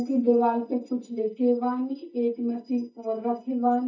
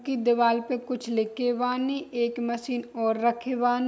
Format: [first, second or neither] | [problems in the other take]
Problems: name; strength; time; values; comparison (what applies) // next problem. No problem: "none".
second | noise reduction (neural mask model DeepFilterNet 3)